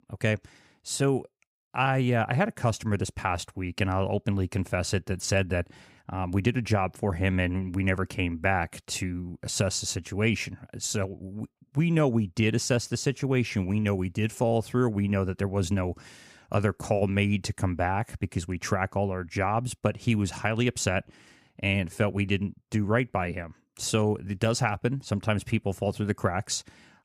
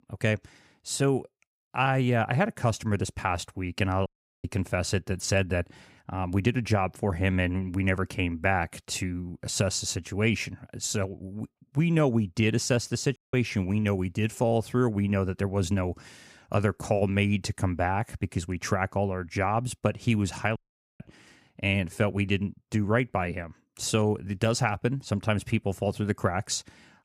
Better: first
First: none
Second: audio cutting out; at 4 s, at 13 s and at 21 s

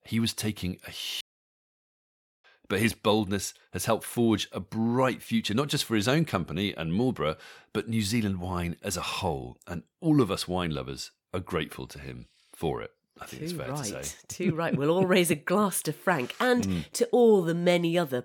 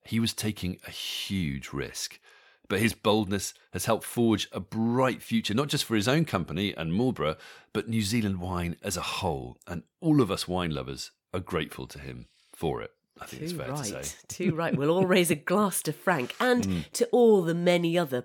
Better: second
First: audio cutting out; at 1 s for 1 s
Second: none

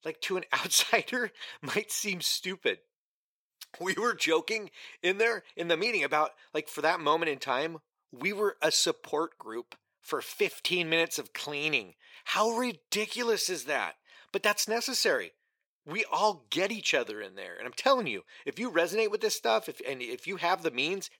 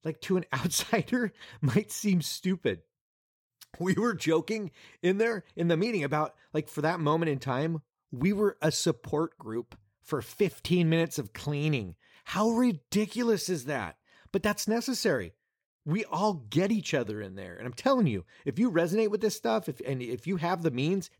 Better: second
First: thin; somewhat; fading below 500 Hz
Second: none

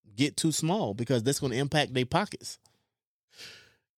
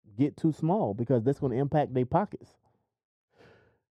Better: first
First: none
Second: muffled; very; fading above 2 kHz

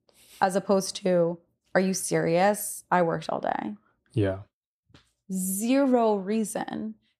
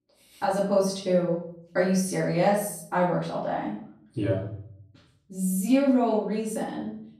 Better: first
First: none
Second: off-mic speech; far // room echo; noticeable; dies away in 0.6 s

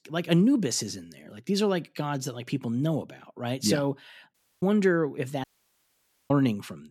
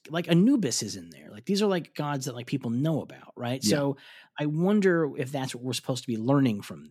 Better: second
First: audio cutting out; at 4.5 s and at 5.5 s for 1 s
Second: none

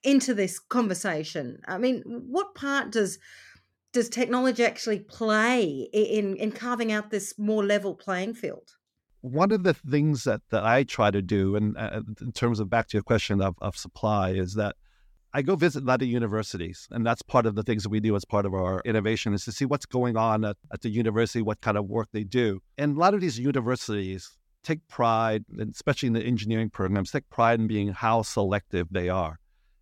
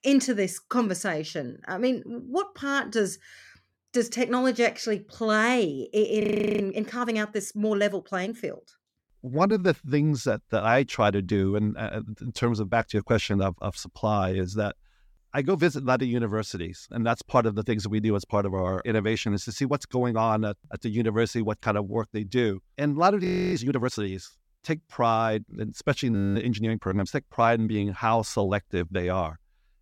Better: first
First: none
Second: audio freezing; at 6 s, at 23 s and at 26 s

